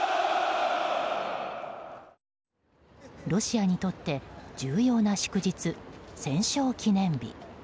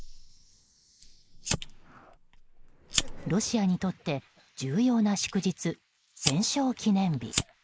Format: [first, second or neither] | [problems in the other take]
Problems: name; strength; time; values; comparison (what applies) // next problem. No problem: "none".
first | noise reduction (neural mask model Resemble Enhance denoiser)